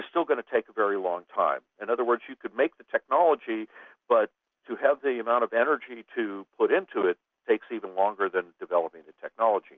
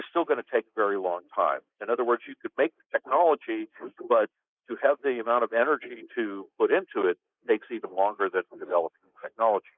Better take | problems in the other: first | noise reduction (neural mask model Resemble Enhance denoiser)

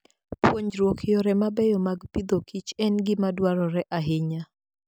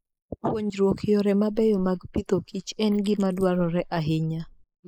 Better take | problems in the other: first | noise reduction (neural mask model Resemble Enhance denoiser)

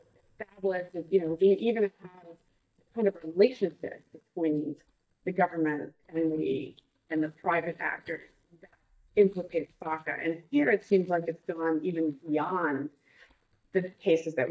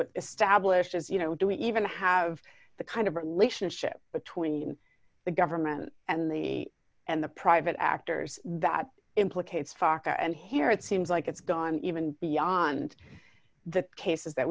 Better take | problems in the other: second | noise reduction (neural mask model DeepFilterNet 3)

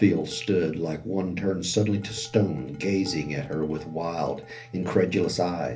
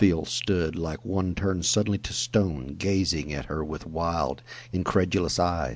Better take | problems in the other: second | background sound (Dishes, pots, and pans); 20 dB below the speech // room echo; dies away in 0.3 s

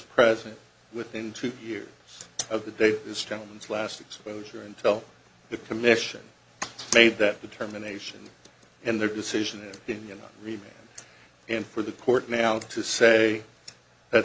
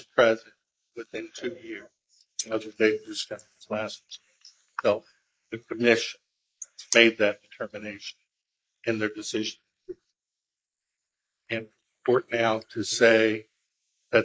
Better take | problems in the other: first | noise reduction (neural mask model Resemble Enhance denoiser)

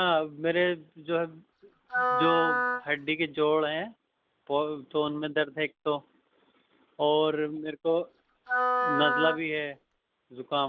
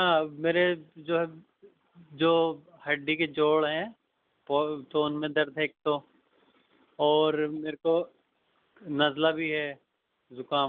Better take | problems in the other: second | background sound (Wind instrument, woodwind instrument); as loud as the speech

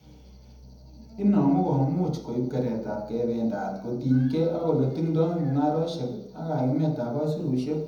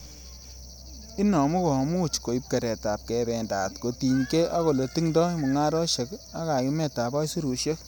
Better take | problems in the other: second | room echo; dies away in 1 s

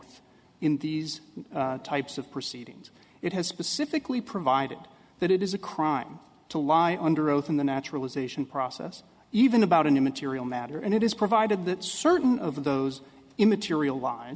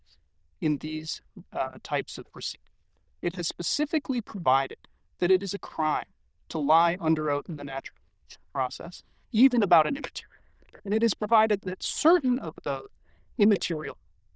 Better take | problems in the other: first | noise reduction (neural diffusion model UNIVERSE++)

